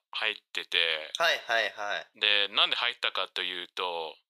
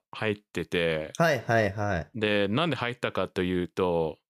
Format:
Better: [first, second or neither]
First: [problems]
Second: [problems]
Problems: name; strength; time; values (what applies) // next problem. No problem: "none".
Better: second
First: thin; very; fading below 900 Hz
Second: none